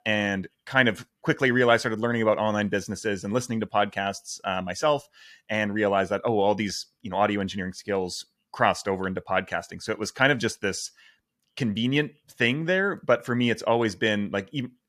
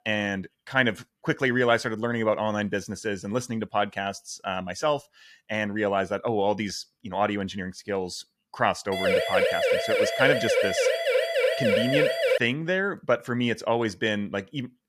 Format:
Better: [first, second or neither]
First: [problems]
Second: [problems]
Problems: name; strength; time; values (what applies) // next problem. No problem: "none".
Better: first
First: none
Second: siren; loud; from 9 to 12 s; peak 5 dB above the speech